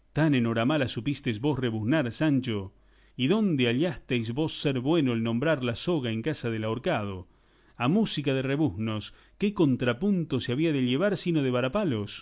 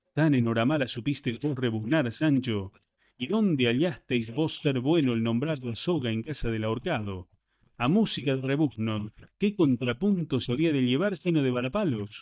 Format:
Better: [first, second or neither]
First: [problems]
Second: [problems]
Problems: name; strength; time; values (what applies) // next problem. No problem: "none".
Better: first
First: none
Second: noise reduction (neural mask model DeepFilterNet 3)